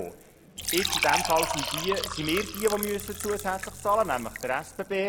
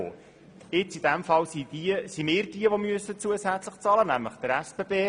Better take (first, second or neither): second